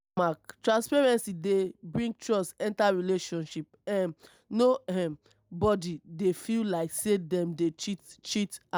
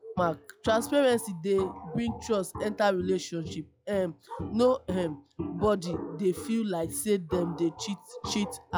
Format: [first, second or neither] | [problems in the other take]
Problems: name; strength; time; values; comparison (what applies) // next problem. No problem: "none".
first | noise reduction (classical method log-MMSE)